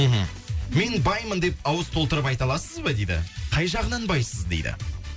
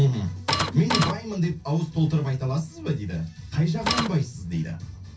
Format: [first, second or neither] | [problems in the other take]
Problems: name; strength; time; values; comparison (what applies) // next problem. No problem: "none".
first | background sound (Printer); 1 dB above the speech // room echo; dies away in 0.3 s